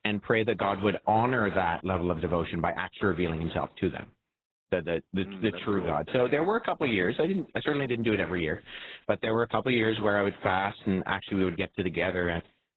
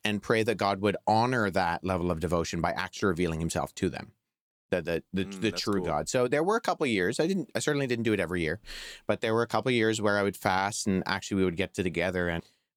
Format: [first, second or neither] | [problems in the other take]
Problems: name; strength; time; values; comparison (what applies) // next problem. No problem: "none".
second | garbled, watery; badly; nothing above 4 kHz